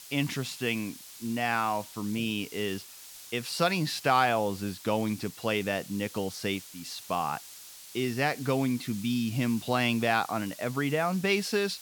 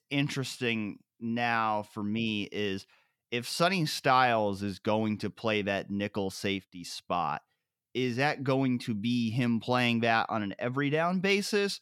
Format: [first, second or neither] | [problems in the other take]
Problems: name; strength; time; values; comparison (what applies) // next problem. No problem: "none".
second | hiss; noticeable; throughout; 15 dB below the speech